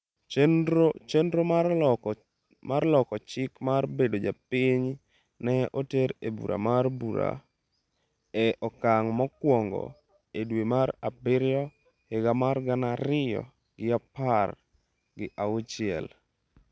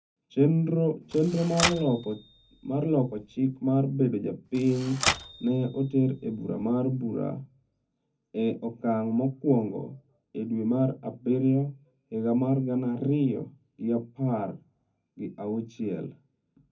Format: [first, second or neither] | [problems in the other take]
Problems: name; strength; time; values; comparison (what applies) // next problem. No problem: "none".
first | background sound (Typewriter); 7 dB below the speech // room echo; dies away in 0.3 s